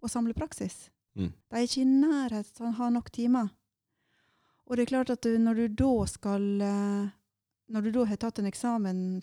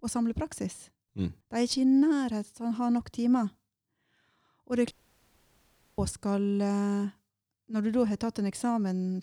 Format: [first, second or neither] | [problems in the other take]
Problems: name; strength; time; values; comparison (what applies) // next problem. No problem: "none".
first | audio cutting out; at 5 s for 1 s